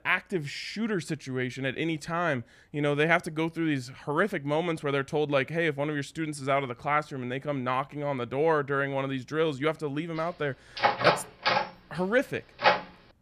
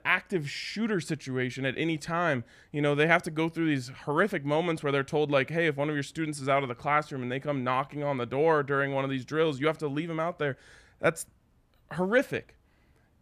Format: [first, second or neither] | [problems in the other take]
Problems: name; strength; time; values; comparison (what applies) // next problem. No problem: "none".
second | door banging; loud; from 11 s on; peak 5 dB above the speech